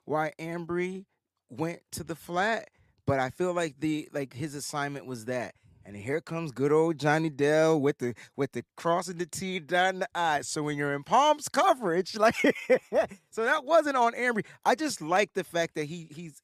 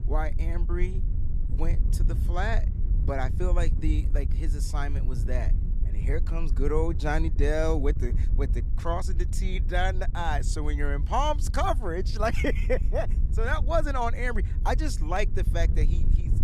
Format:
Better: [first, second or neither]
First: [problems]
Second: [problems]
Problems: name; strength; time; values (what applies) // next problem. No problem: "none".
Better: first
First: none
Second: wind noise on the microphone; occasional gusts; 15 dB below the speech